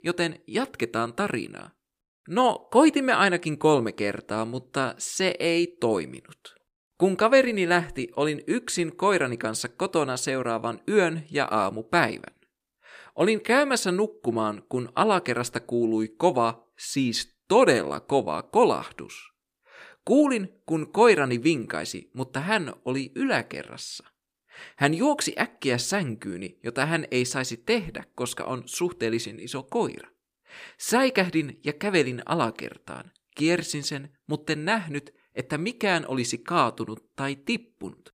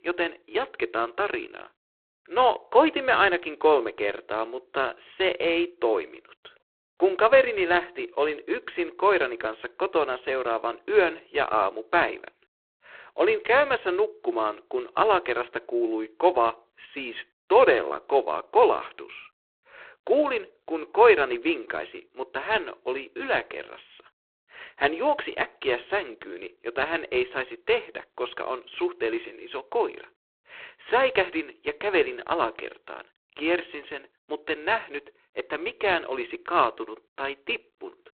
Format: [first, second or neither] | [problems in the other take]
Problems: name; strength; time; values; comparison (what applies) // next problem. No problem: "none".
first | phone-call audio; poor line; nothing above 4 kHz